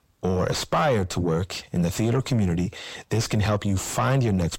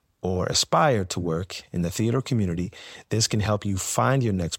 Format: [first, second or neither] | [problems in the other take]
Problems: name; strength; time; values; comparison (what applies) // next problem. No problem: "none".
second | distortion; heavy; 6 dB below the speech